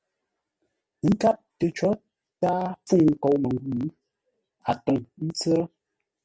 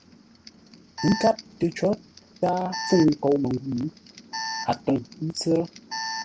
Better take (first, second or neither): first